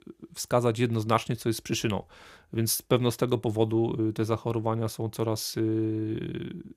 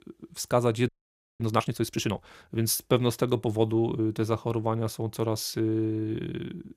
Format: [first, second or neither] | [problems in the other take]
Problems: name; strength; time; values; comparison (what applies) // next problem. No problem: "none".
first | audio freezing; at 1 s for 0.5 s